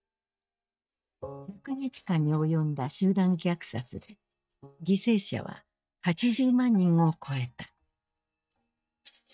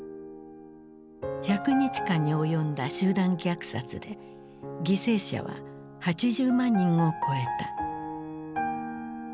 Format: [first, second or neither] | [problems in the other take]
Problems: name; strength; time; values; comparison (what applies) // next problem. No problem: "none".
second | noise reduction (neural mask model DeepFilterNet 3)